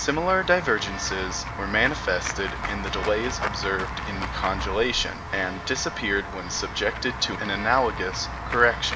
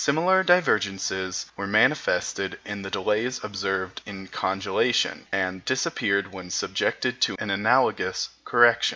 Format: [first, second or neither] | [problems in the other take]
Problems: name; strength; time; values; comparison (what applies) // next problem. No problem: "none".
second | background sound (Walk, footsteps / Run / Bell); 6 dB below the speech